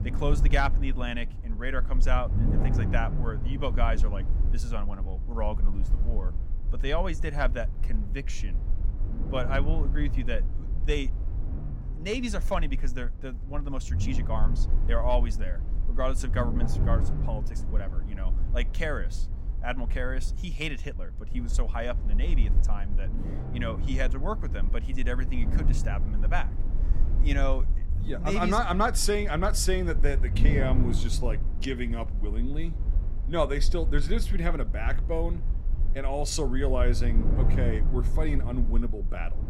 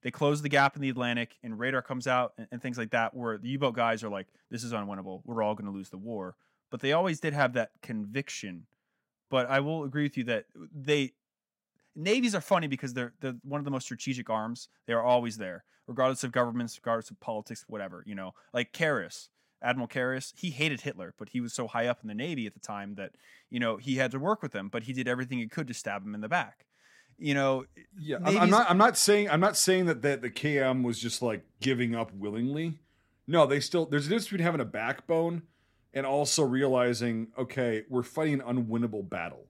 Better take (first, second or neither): second